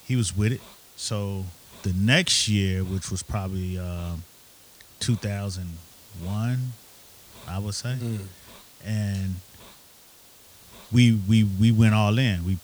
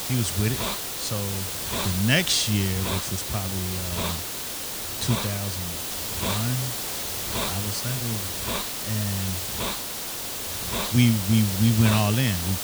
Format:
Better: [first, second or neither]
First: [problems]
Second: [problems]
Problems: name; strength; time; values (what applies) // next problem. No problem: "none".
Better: first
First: hiss; faint; throughout; 25 dB below the speech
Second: hiss; loud; throughout; 2 dB below the speech